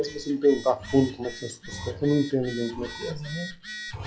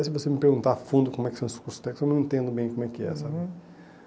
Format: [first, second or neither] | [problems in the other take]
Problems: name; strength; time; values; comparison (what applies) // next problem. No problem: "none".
second | noise reduction (classical method log-MMSE)